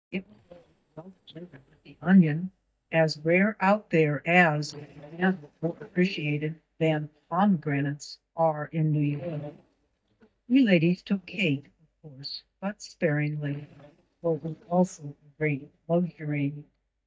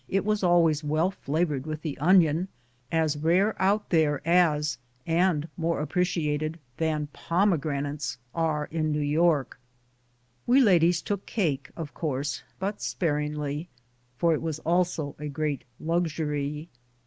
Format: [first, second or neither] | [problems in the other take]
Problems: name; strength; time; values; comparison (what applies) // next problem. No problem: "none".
second | noise reduction (neural mask model DeepFilterNet 3)